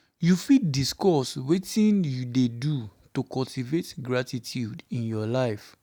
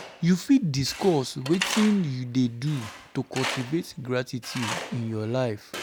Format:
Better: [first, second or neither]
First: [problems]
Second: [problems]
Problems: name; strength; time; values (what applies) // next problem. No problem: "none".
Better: first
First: none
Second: background sound (Tools); 11 dB below the speech